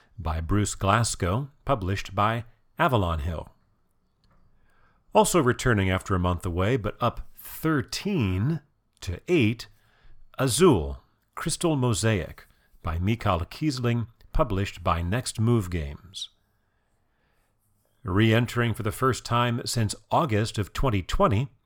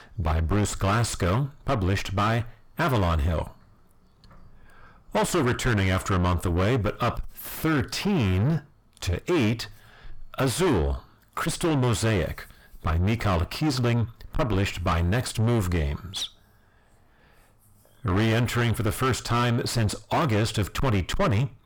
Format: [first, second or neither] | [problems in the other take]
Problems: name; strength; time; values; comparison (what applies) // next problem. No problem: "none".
first | distortion; heavy; 6 dB below the speech